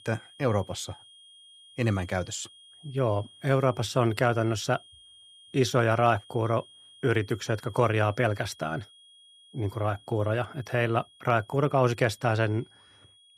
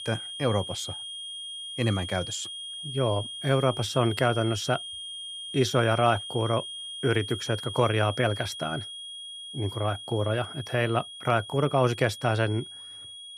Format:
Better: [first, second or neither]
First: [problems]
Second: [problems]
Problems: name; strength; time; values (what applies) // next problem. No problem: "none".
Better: first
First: high-pitched whine; faint; throughout; 3 kHz, 25 dB below the speech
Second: high-pitched whine; loud; throughout; 3 kHz, 9 dB below the speech